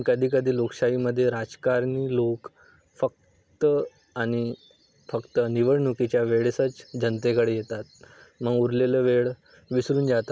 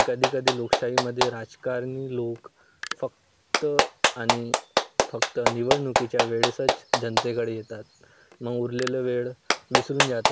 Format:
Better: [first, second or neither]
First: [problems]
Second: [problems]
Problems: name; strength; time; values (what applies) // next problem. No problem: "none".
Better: first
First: none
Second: background sound (Clapping); 3 dB above the speech